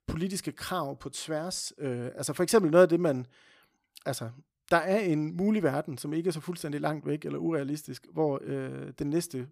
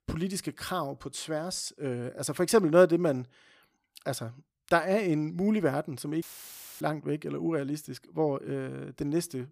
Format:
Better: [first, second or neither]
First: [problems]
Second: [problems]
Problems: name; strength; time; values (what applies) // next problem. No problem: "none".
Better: first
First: none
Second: audio cutting out; filled with static; at 6 s for 0.5 s